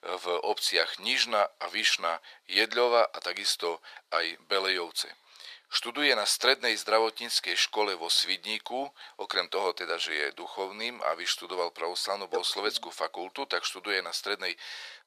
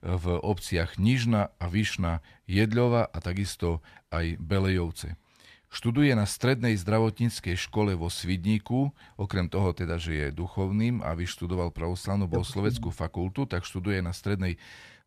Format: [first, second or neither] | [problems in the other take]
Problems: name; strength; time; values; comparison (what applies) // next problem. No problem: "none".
second | thin; very; fading below 450 Hz